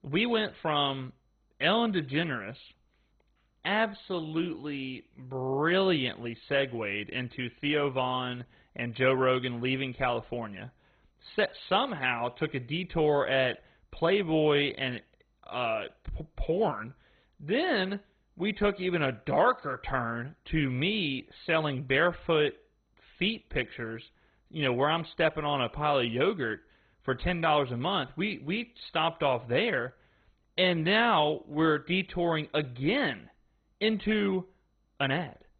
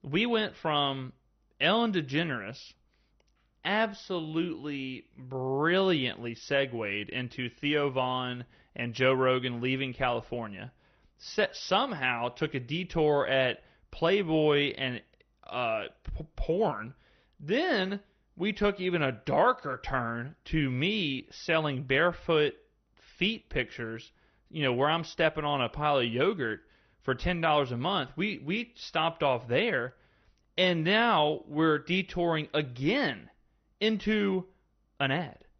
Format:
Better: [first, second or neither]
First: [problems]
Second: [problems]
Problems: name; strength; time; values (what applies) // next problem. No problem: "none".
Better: second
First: garbled, watery; badly; nothing above 4 kHz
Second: garbled, watery; slightly; nothing above 6 kHz